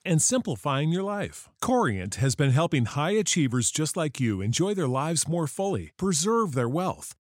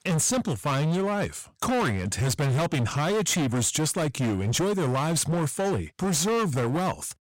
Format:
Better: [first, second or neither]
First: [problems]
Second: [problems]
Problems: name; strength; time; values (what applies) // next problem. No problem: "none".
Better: first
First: none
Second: distortion; heavy; 32% of the sound clipped